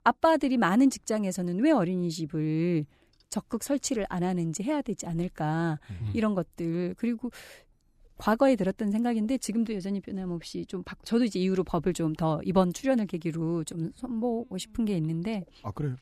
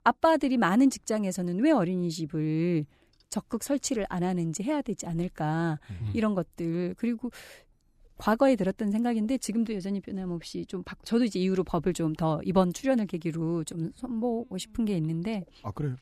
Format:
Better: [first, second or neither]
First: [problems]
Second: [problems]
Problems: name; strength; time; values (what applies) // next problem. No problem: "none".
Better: neither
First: none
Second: none